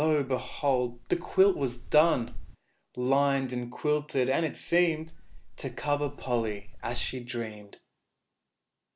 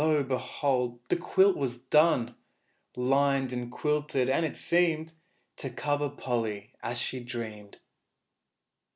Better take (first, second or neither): second